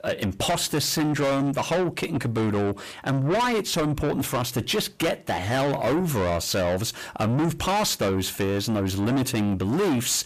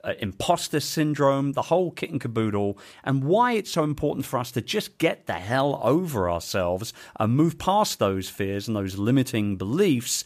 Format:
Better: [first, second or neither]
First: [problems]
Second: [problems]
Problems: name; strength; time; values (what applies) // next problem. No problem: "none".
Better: second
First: distortion; heavy; 6 dB below the speech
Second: none